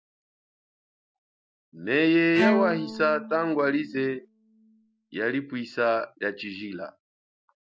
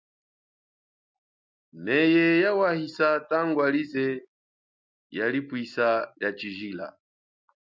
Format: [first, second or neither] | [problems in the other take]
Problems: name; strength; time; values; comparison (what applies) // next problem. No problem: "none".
second | background sound (Bowed string instrument); 4 dB below the speech